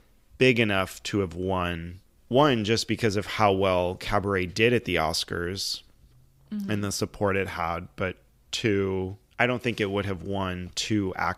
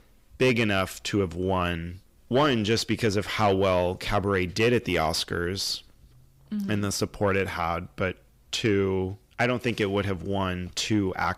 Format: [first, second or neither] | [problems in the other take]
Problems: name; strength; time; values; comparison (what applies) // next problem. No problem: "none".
first | distortion; slight; 10 dB below the speech